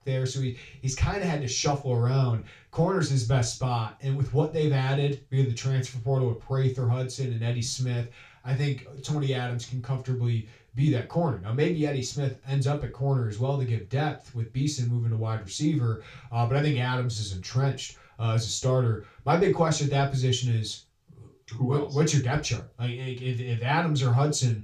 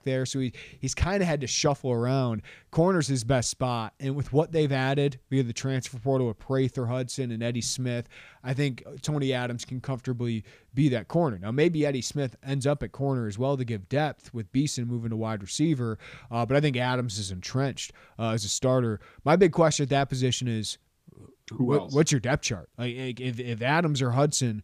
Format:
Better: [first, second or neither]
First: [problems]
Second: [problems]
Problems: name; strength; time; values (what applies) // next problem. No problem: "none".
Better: second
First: room echo; slight; dies away in 0.3 s // off-mic speech; far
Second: none